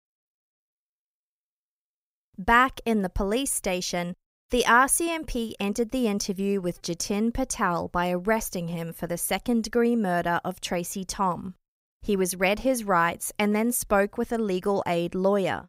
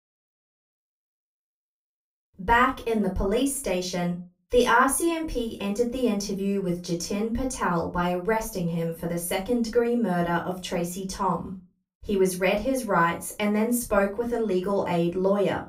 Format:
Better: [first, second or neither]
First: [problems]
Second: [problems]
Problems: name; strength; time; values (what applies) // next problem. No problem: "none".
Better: first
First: none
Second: off-mic speech; far // room echo; very slight; dies away in 0.2 s